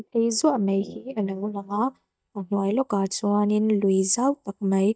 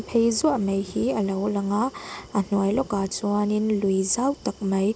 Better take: second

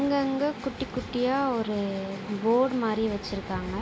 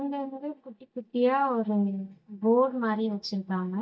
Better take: first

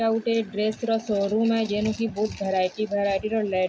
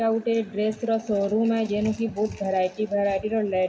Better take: first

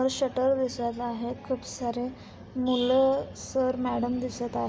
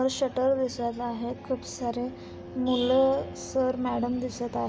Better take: first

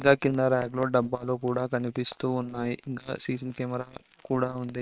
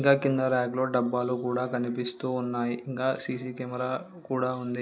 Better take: second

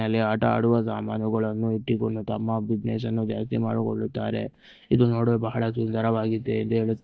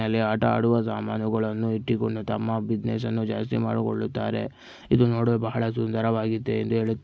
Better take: second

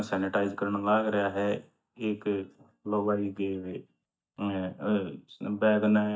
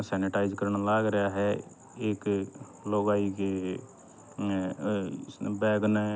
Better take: second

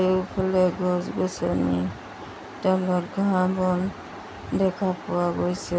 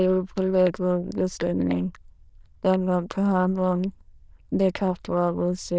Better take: first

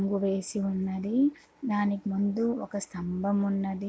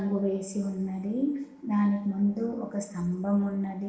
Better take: first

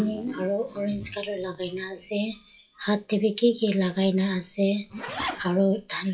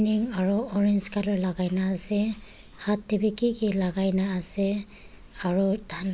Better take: second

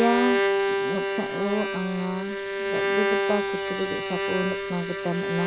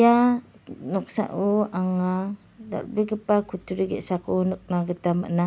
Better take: second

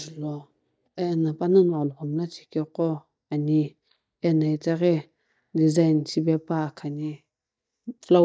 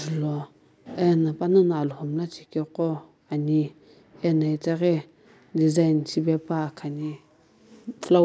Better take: second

